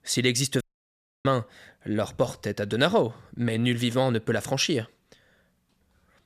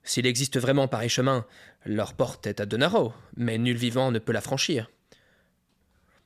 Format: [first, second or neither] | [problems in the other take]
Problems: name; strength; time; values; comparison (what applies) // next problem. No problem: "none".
second | audio cutting out; at 0.5 s for 0.5 s